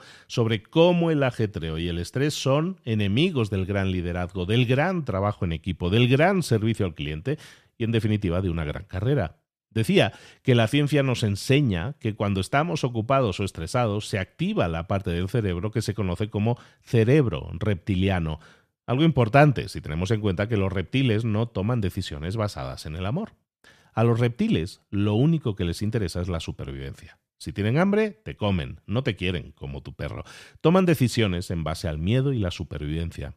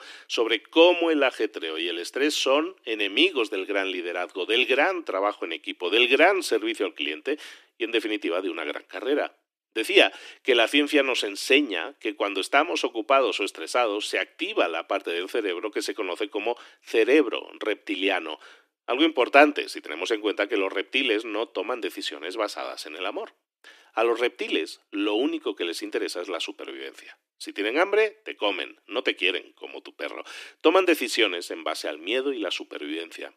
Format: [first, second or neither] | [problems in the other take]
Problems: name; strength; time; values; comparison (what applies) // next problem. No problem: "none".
first | thin; very; fading below 300 Hz